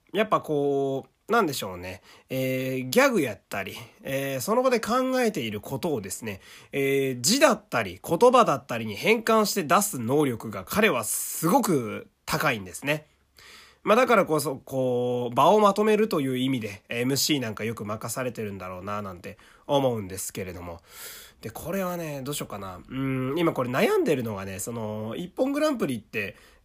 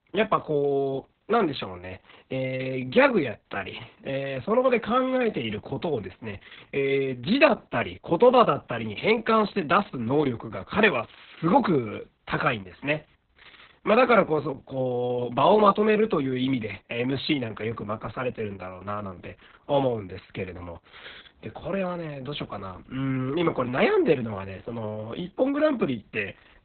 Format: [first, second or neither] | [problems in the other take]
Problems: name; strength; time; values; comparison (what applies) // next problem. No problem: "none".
first | garbled, watery; badly; nothing above 4 kHz